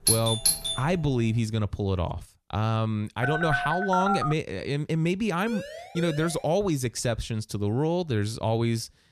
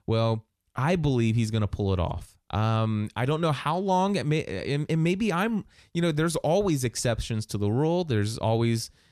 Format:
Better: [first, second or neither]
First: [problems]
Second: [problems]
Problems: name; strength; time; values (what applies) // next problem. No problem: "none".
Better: second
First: doorbell; loud; at the start; peak 5 dB above the speech // phone ringing; loud; from 3 to 4.5 s; peak level with the speech // siren; noticeable; at 5.5 s; peak 10 dB below the speech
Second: none